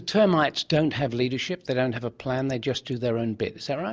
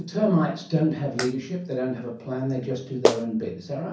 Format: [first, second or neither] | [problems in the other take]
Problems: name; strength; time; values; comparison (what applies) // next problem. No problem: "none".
first | background sound (Clapping); 6 dB below the speech // room echo; dies away in 0.6 s